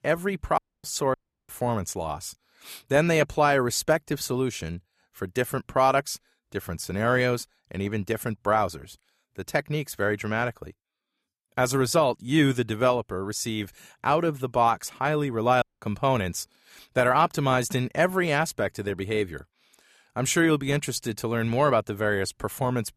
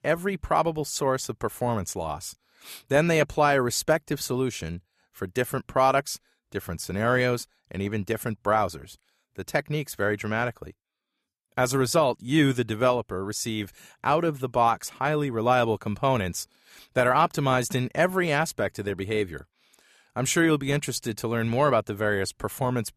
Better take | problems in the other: second | audio cutting out; at 0.5 s, at 1 s and at 16 s

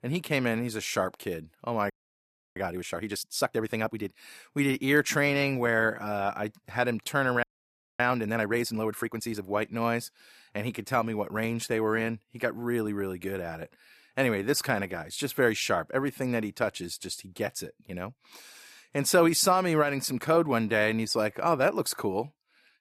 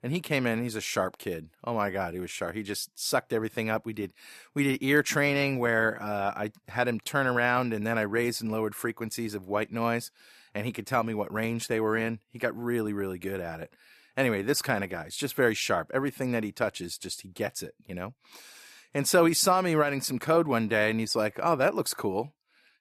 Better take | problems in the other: second | audio freezing; at 2 s for 0.5 s and at 7.5 s for 0.5 s

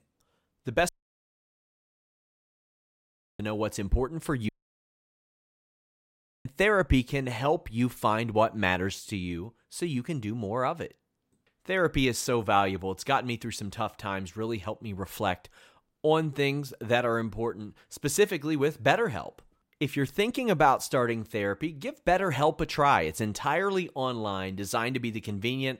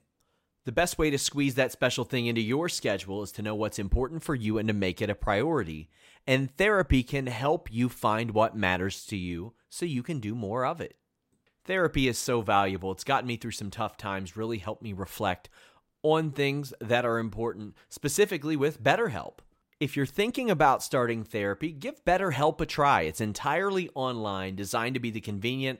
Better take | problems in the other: second | audio cutting out; at 1 s for 2.5 s and at 4.5 s for 2 s

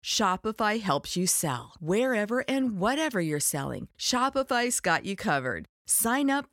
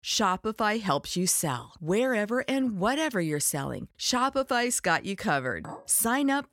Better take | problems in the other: first | clattering dishes; faint; at 5.5 s; peak 15 dB below the speech

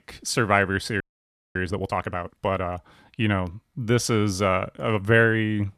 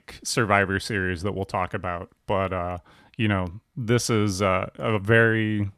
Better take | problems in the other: second | audio freezing; at 1 s for 0.5 s

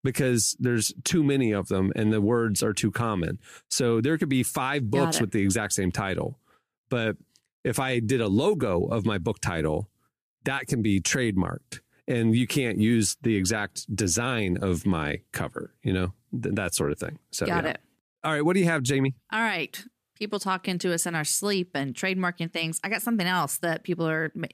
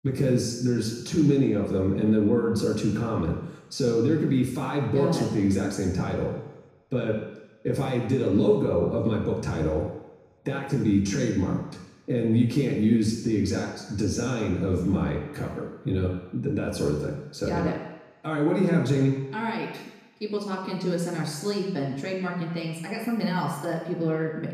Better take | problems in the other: first | room echo; noticeable; dies away in 1 s // off-mic speech; far

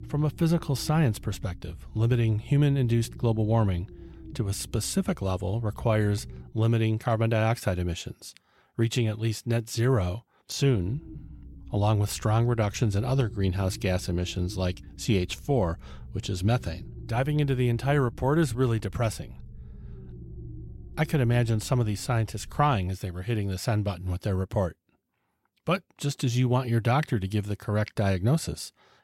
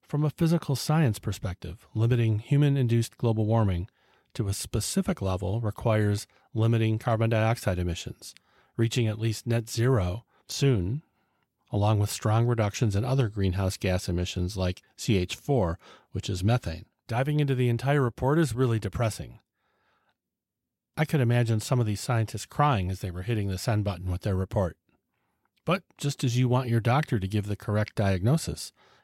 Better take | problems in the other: second | low rumble; faint; until 6.5 s and from 11 to 23 s; 25 dB below the speech

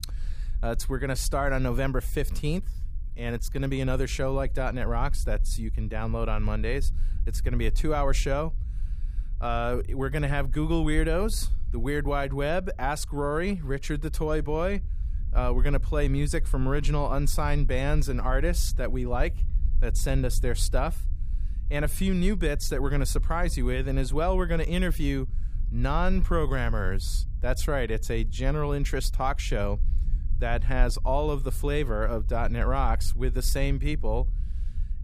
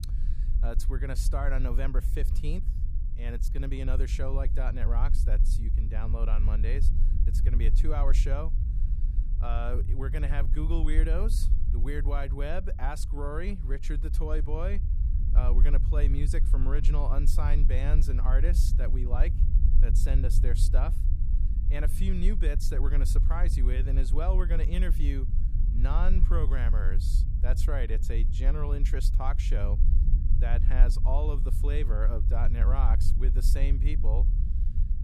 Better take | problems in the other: first | low rumble; loud; throughout; 9 dB below the speech; faint in the first

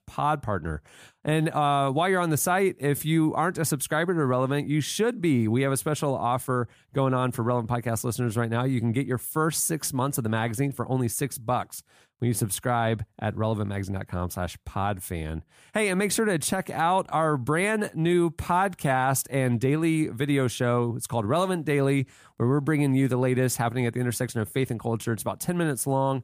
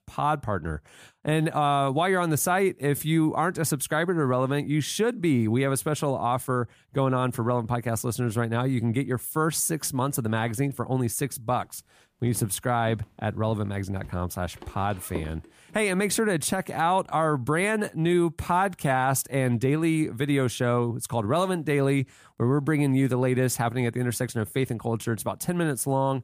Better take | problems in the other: first | footsteps; faint; from 12 to 15 s; peak 10 dB below the speech

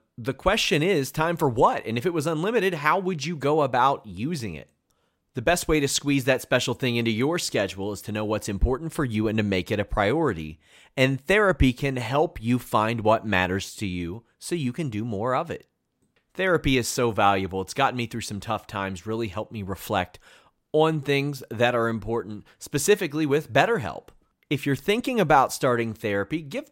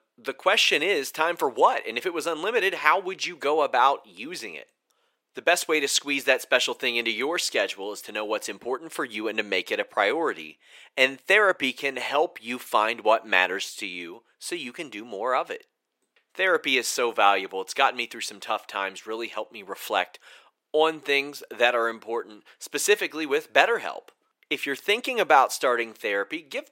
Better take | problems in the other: first | thin; somewhat; fading below 400 Hz

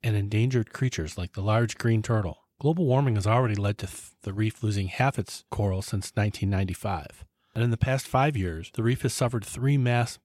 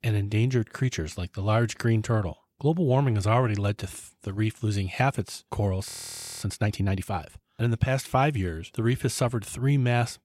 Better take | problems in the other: first | audio freezing; at 6 s for 0.5 s

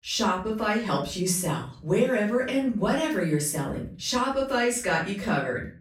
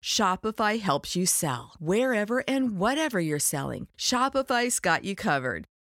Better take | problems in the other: second | off-mic speech; far // room echo; slight; dies away in 0.4 s

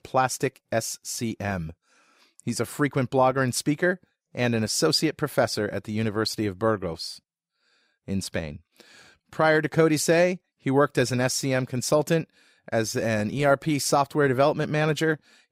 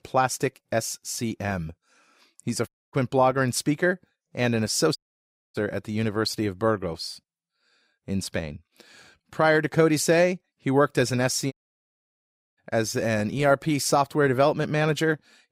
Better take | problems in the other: first | audio cutting out; at 2.5 s, at 5 s for 0.5 s and at 12 s for 1 s

